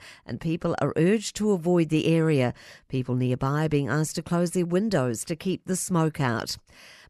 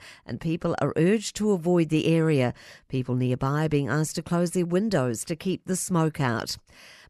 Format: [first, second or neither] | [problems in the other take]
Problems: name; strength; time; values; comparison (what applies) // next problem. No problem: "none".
neither | none